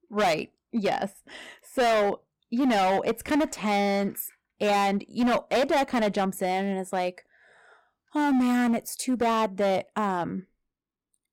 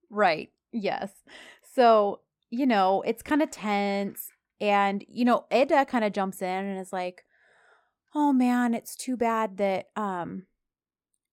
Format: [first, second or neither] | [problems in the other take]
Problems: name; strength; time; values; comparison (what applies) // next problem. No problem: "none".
second | distortion; heavy; 13% of the sound clipped